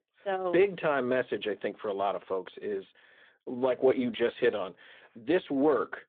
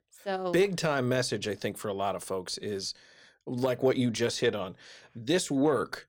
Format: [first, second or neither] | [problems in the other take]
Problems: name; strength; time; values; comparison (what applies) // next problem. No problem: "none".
second | phone-call audio